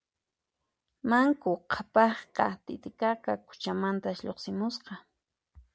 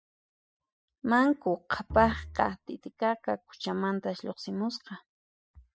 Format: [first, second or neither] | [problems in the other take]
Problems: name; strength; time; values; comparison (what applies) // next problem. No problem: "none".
first | noise reduction (classical method spectral subtraction)